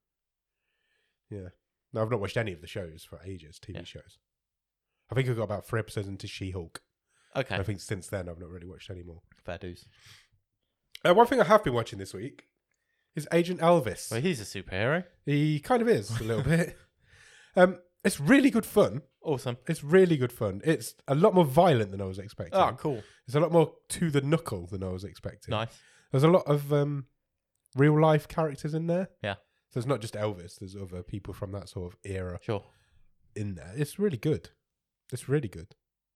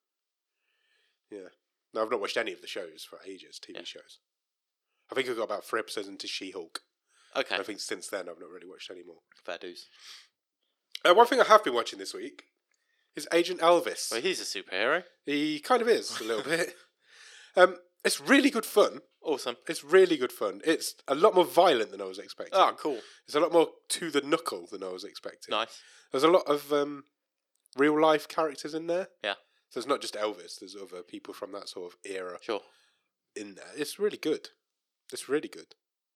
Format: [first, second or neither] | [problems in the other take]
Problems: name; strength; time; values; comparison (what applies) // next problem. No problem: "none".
first | thin; somewhat; fading below 300 Hz